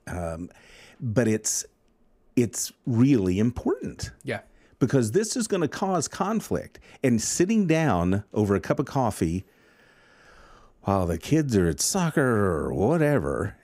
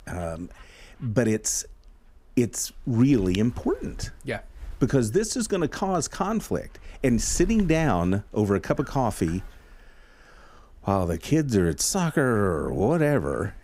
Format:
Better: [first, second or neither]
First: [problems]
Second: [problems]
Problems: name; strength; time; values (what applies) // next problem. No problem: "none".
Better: first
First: none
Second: wind noise on the microphone; occasional gusts; 20 dB below the speech